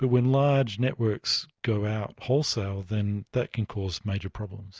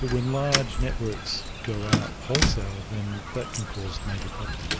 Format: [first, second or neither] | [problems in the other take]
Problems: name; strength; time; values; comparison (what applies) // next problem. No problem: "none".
first | background sound (Fowl + Keys jangling); 1 dB above the speech